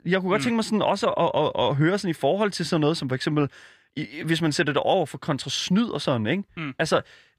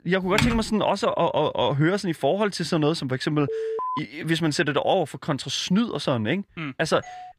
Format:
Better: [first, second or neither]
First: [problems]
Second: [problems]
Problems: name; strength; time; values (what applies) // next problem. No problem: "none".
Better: first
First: none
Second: keyboard typing; noticeable; at 0.5 s; peak 1 dB below the speech // alarm; noticeable; at 3.5 s; peak 4 dB below the speech // doorbell; very faint; at 7 s; peak 15 dB below the speech